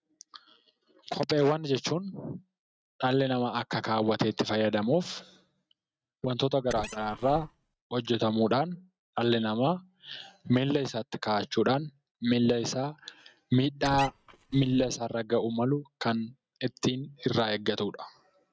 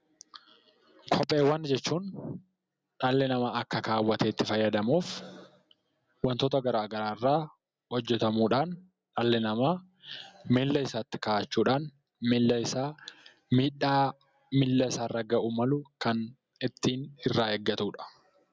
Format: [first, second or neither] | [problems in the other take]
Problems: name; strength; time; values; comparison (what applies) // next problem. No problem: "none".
second | noise reduction (neural mask model RNNoise)